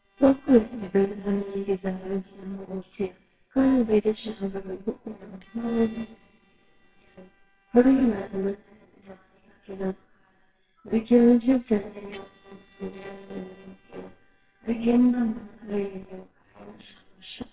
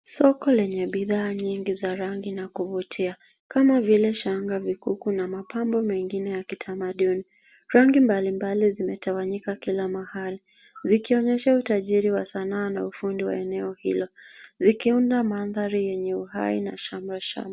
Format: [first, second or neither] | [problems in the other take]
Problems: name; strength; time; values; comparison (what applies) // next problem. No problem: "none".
second | noise reduction (neural separator model SepFormer WHAMR!)